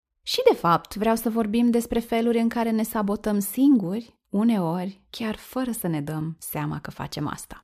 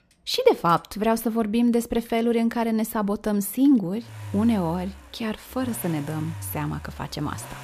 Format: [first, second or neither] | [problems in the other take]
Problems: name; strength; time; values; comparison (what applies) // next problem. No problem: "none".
first | traffic noise; noticeable; throughout; 15 dB below the speech